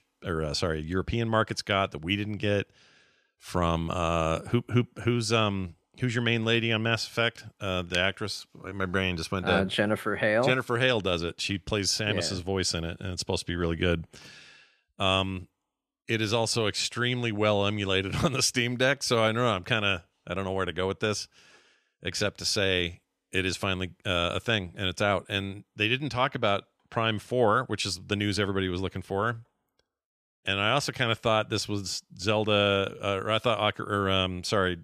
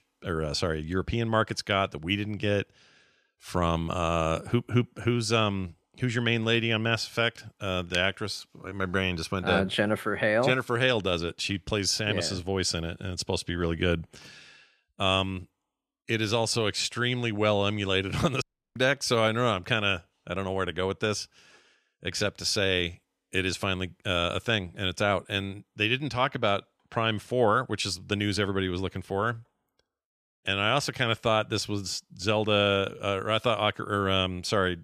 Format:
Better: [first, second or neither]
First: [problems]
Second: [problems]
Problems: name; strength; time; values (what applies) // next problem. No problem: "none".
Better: first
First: none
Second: audio cutting out; at 18 s